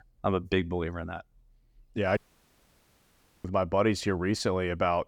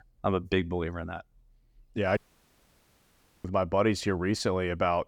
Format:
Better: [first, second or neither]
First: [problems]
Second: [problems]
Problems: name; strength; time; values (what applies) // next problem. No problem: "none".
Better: neither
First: audio cutting out; at 2 s for 1.5 s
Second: audio cutting out; at 2 s for 1.5 s